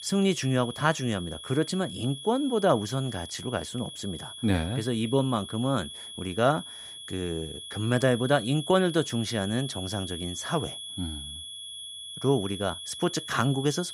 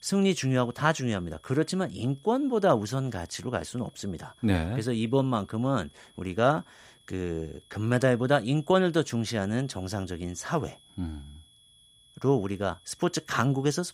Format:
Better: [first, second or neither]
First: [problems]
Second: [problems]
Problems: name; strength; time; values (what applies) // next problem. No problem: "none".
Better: second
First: high-pitched whine; loud; throughout; 3.5 kHz, 10 dB below the speech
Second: high-pitched whine; faint; throughout; 3.5 kHz, 30 dB below the speech